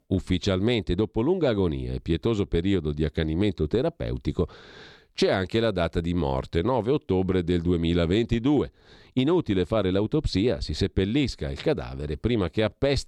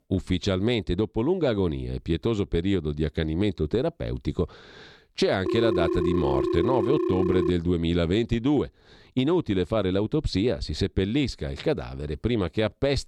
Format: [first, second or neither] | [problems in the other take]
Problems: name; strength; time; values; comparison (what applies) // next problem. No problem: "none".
first | phone ringing; loud; from 5.5 to 7.5 s; peak level with the speech